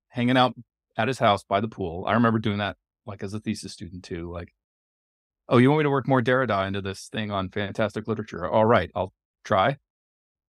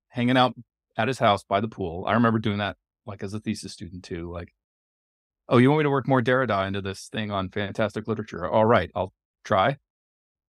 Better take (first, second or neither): neither